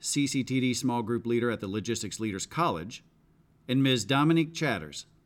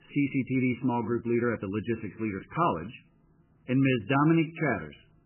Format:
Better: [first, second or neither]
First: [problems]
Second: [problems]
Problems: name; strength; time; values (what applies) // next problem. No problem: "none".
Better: first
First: none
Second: garbled, watery; badly; nothing above 3 kHz